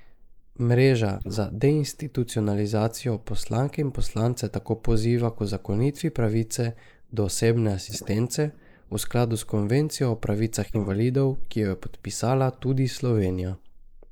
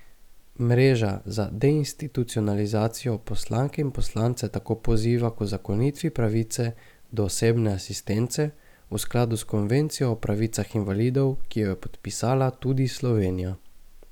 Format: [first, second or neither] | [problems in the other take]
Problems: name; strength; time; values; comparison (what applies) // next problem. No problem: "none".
second | noise reduction (neural mask model Resemble Enhance denoiser)